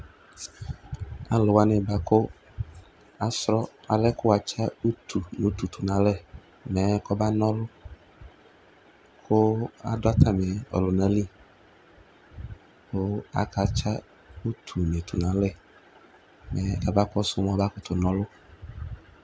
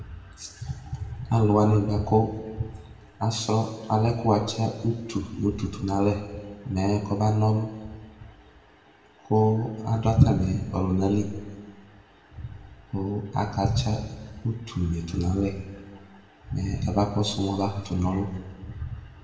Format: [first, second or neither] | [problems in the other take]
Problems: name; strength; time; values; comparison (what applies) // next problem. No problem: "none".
first | room echo; dies away in 1.1 s